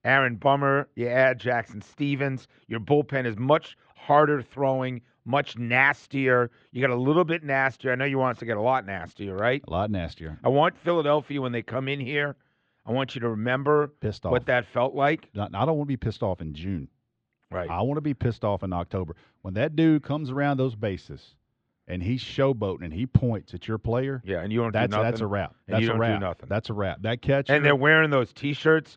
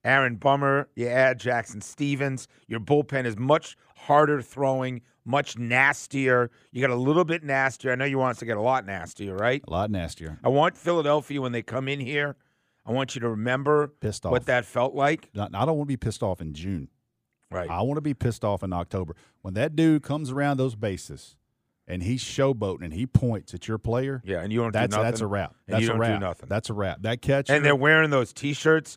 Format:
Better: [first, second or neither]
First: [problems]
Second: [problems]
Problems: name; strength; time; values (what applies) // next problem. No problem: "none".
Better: second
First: muffled; slightly; fading above 4 kHz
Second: none